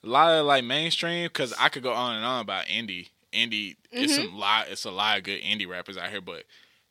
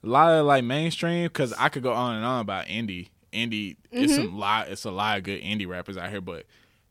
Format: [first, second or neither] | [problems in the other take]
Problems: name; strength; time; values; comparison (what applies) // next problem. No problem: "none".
second | thin; very slightly; fading below 750 Hz